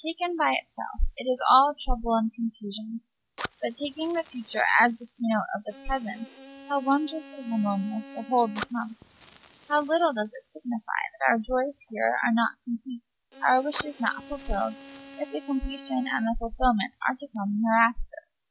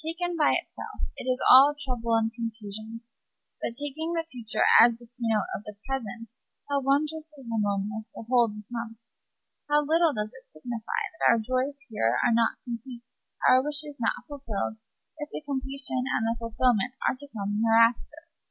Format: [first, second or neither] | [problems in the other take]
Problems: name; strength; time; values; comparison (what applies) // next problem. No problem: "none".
second | background sound (Bowed string instrument + Fire); 19 dB below the speech